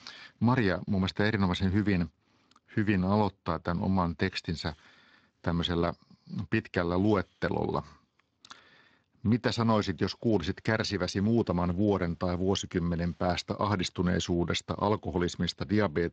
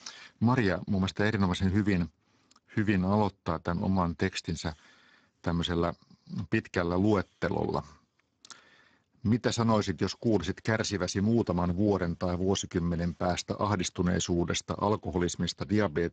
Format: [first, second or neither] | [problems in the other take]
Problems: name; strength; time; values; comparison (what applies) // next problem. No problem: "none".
first | garbled, watery; badly; nothing above 7.5 kHz; slightly in the first